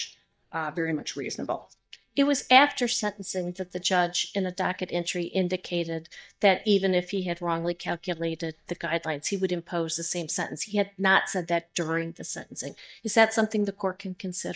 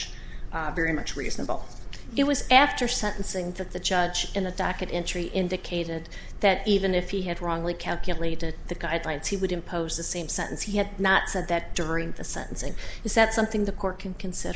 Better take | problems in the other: second | noise reduction (neural mask model DeepFilterNet 3)

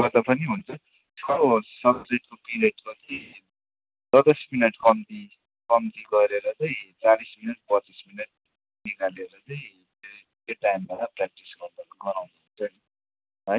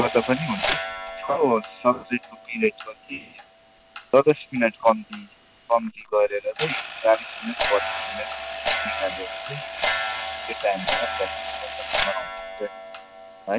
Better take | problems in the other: first | background sound (Clock); 5 dB below the speech

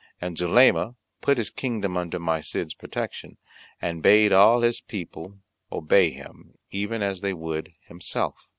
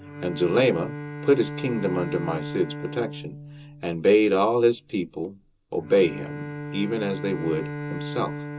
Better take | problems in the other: first | background sound (Bowed string instrument); 10 dB below the speech // room echo; dies away in 0.2 s

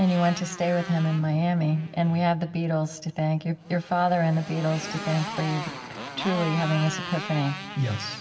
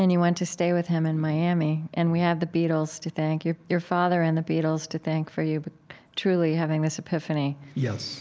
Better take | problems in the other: second | background sound (Motorcycle); 12 dB below the speech // room echo; dies away in 1.5 s

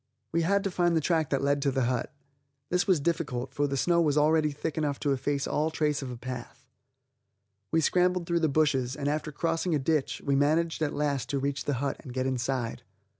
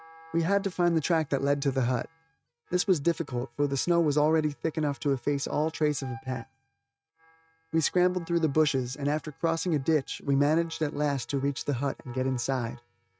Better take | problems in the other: first | noise reduction (neural mask model RNNoise)

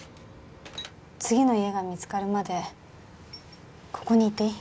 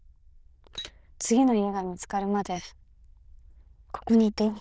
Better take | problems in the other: first | noise reduction (neural diffusion model UNIVERSE++)

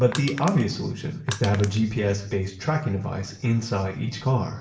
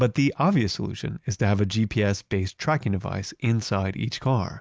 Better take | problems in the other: second | background sound (Crushing); 11 dB below the speech // room echo; dies away in 0.6 s

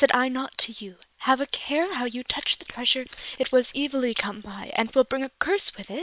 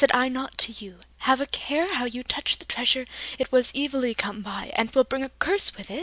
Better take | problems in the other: second | noise reduction (neural separator model SepFormer WHAM!)

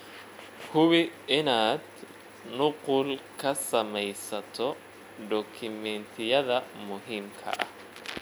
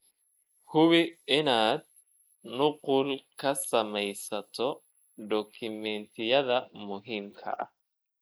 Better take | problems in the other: first | noise reduction (neural mask model Resemble Enhance denoiser)

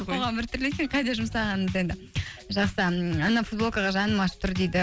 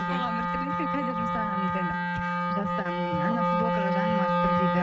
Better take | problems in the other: first | noise reduction (neural mask model RNNoise)

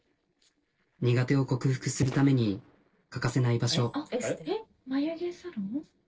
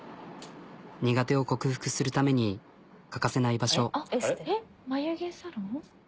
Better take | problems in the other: second | noise reduction (neural separator model SepFormer DNS4)

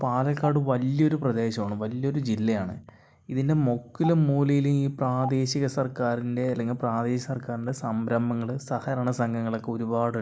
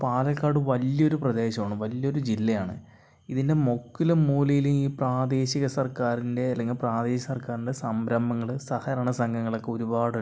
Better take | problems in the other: second | noise reduction (neural mask model Resemble Enhance denoiser)

